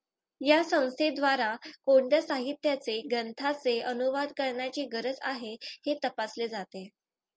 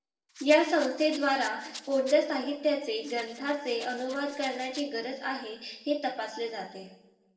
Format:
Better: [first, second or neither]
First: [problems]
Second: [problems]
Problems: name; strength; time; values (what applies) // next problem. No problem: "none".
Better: first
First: none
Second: noise reduction (neural separator model SepFormer DNS4)